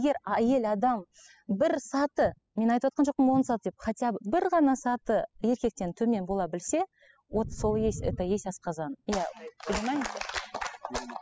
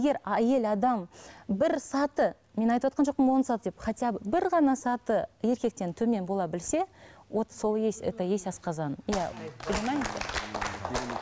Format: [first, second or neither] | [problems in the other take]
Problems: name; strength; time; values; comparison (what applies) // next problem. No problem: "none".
second | noise reduction (classical method spectral subtraction)